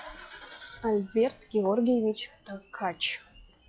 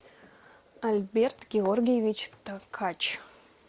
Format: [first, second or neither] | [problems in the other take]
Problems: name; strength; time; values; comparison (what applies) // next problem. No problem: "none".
second | noise reduction (classical method log-MMSE)